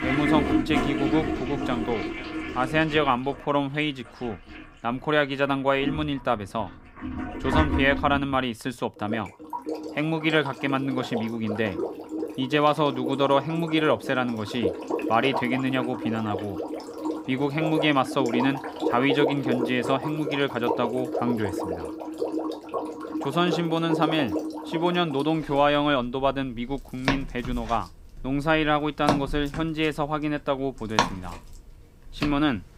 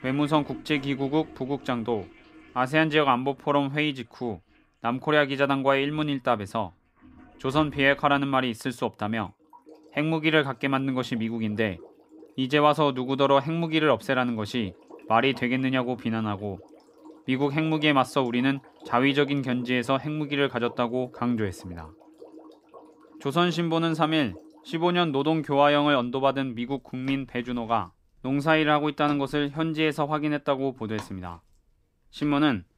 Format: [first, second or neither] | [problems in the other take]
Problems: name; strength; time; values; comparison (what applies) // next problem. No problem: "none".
second | household noises; loud; throughout; 5 dB below the speech; faint in the second